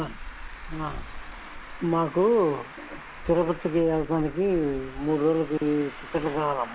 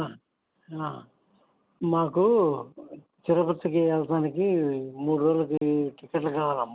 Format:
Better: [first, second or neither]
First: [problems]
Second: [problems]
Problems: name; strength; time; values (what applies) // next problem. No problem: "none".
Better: second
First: background sound (Traffic noise, roadway noise); 13 dB below the speech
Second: none